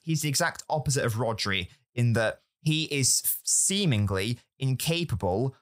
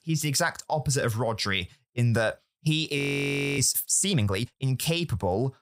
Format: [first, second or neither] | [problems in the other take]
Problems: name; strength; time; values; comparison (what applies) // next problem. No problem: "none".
first | audio freezing; at 3 s for 0.5 s